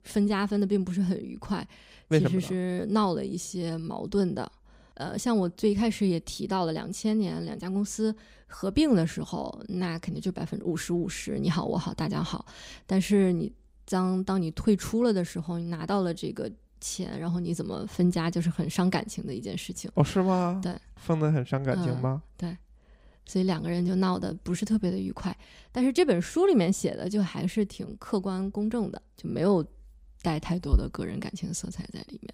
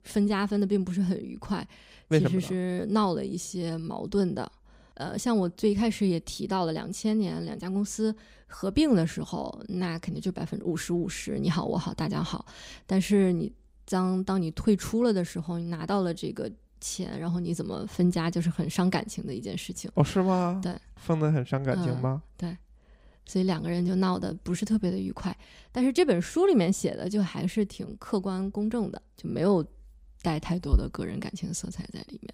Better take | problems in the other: neither | none

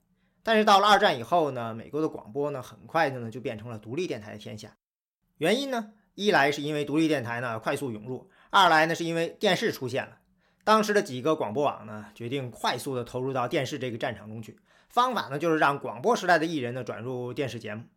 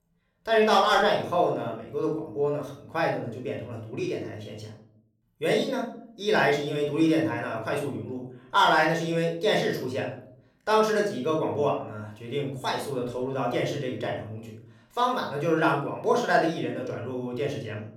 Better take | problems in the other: first | off-mic speech; somewhat distant // room echo; slight; dies away in 0.5 s

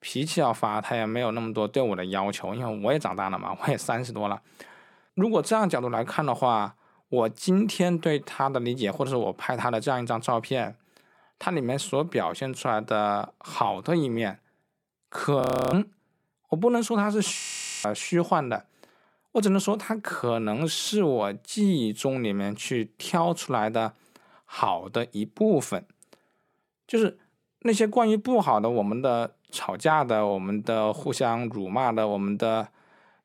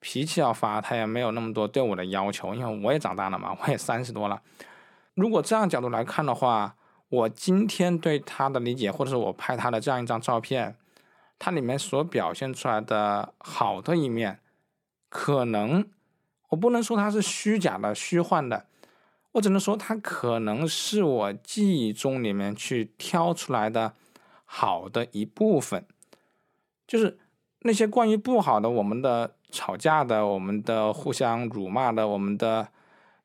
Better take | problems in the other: second | audio freezing; at 15 s and at 17 s

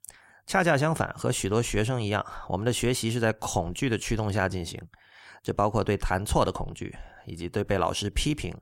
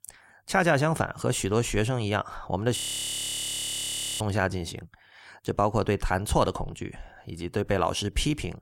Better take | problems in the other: first | audio freezing; at 3 s for 1.5 s

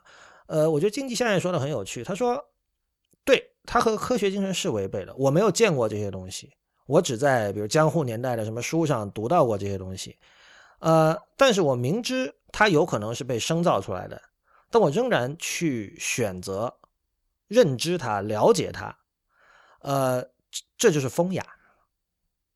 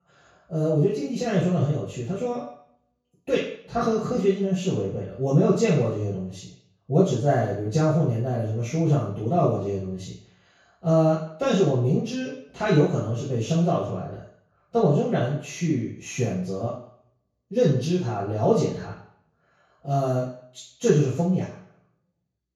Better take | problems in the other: first | room echo; noticeable; dies away in 0.6 s // off-mic speech; far

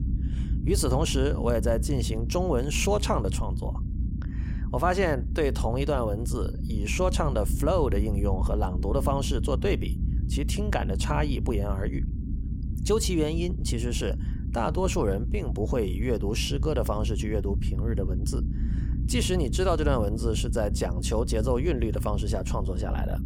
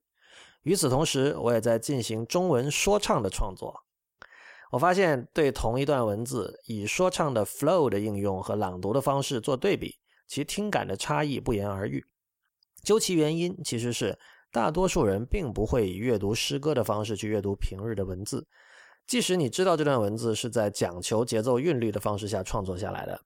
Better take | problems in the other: second | low rumble; noticeable; throughout; 15 dB below the speech

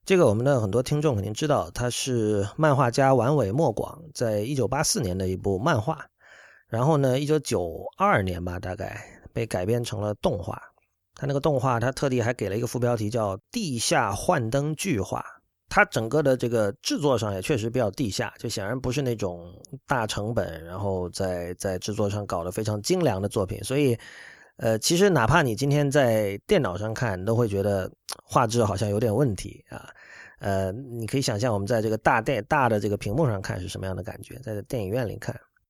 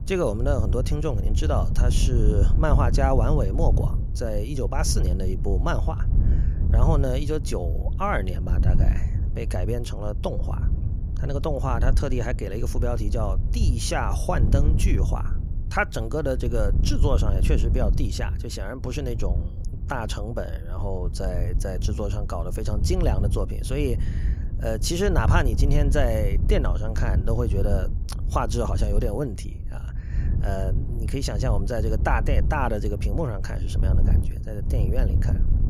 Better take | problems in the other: first | wind noise on the microphone; occasional gusts; 10 dB below the speech

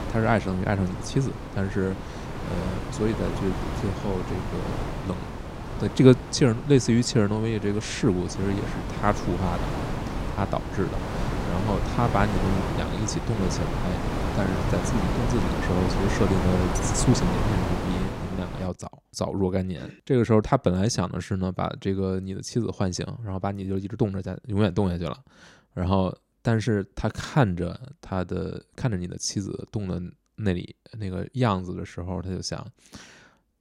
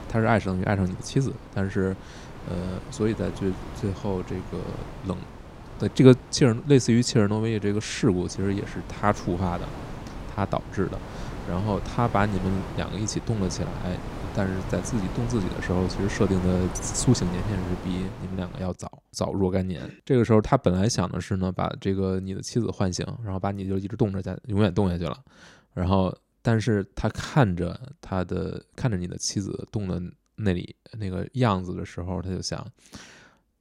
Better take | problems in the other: second | wind noise on the microphone; heavy; until 19 s; 3 dB below the speech; occasional gusts in the second

